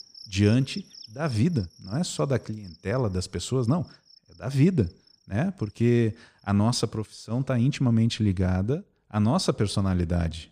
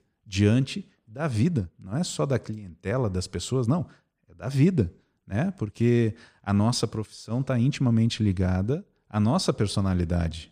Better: second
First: animal sounds; faint; throughout; 20 dB below the speech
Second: none

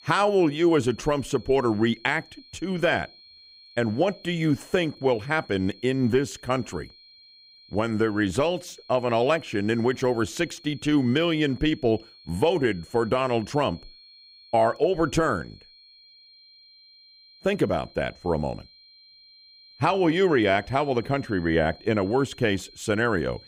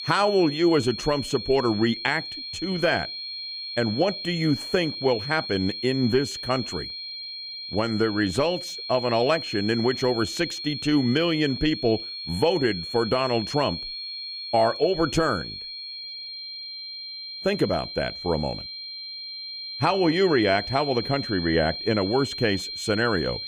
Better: first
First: high-pitched whine; faint; throughout; 4 kHz, 25 dB below the speech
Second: high-pitched whine; loud; throughout; 4 kHz, 8 dB below the speech

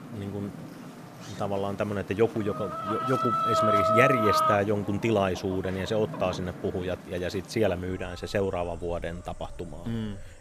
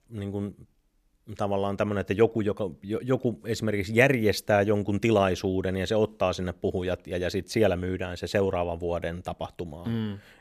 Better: second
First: animal sounds; very loud; throughout; 1 dB above the speech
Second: none

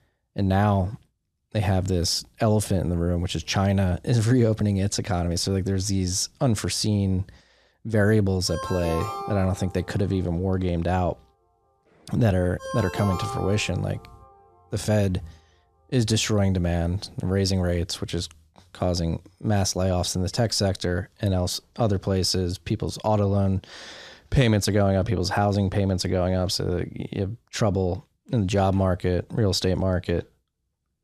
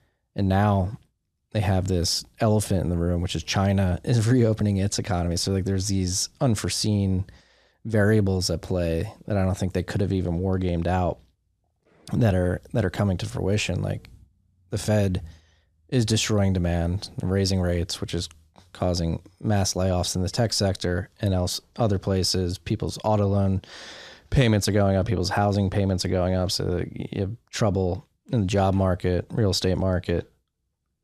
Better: second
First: phone ringing; noticeable; from 8.5 to 14 s; peak 7 dB below the speech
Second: none

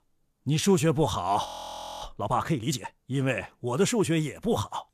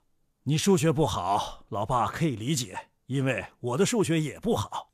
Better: second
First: audio freezing; at 1.5 s for 0.5 s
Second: none

